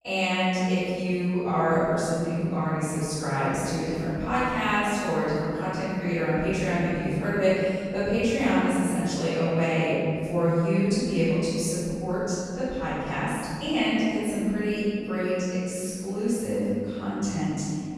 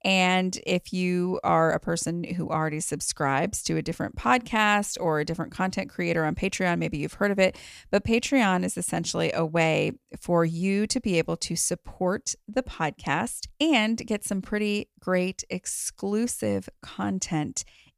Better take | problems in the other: second | off-mic speech; far // room echo; strong; dies away in 2.5 s

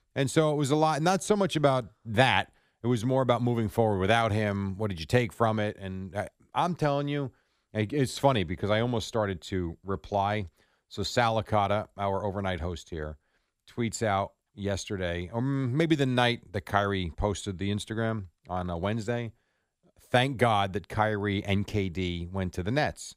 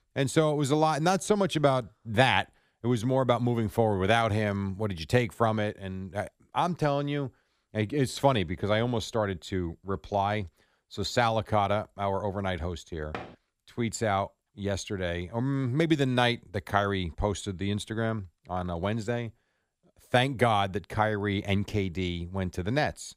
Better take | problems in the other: first | door banging; faint; at 13 s; peak 15 dB below the speech

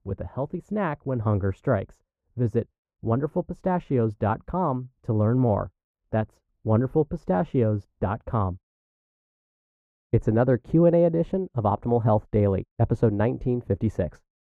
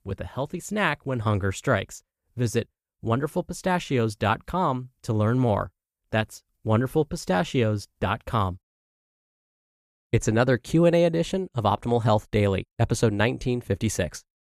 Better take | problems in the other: second | muffled; very; fading above 2 kHz

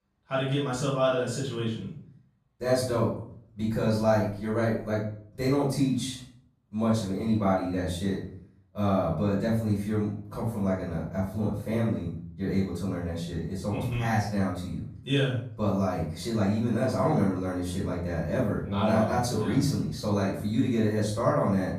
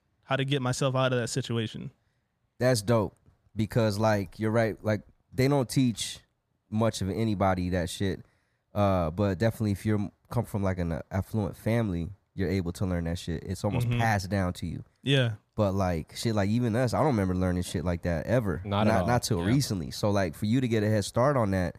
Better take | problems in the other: second | off-mic speech; far // room echo; noticeable; dies away in 0.5 s

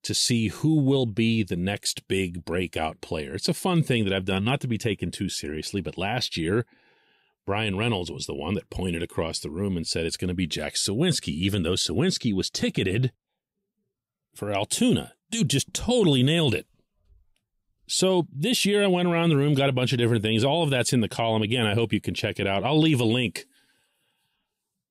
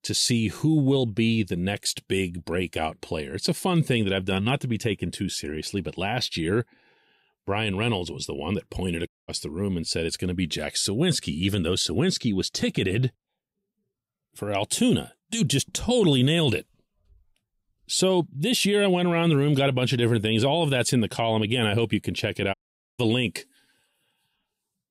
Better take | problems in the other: first | audio cutting out; at 9 s and at 23 s

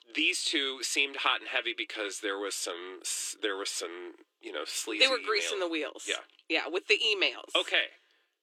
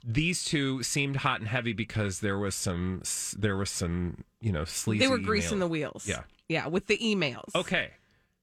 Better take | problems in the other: second | thin; very; fading below 300 Hz

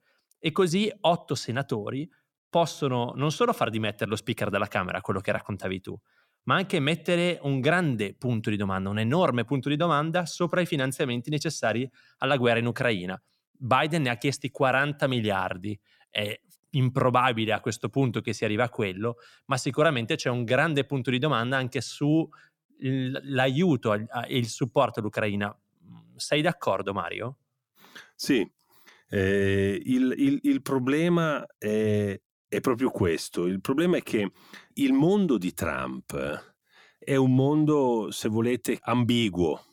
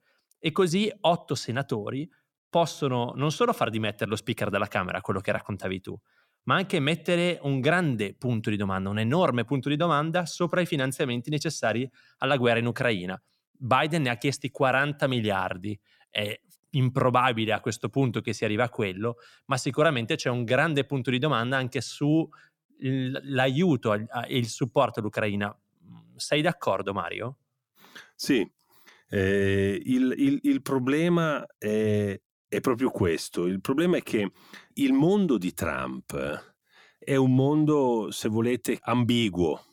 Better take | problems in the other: neither | none

